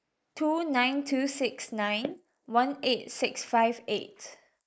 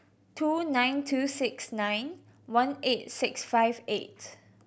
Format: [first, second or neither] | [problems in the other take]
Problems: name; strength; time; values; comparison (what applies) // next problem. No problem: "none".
second | noise reduction (neural mask model Resemble Enhance denoiser)